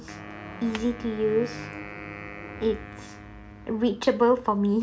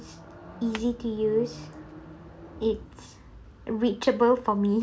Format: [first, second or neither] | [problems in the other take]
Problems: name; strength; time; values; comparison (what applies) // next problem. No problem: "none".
second | background sound (Wind instrument, woodwind instrument); 15 dB below the speech